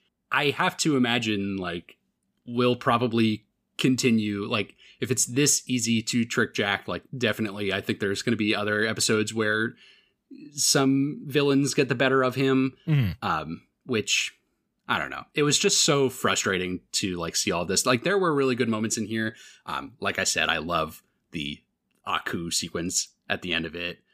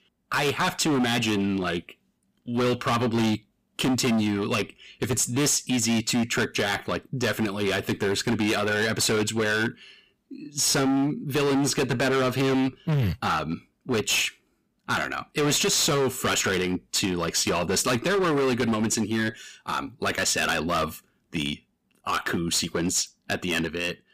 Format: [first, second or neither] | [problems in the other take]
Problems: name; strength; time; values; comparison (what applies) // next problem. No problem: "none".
first | distortion; heavy; 19% of the sound clipped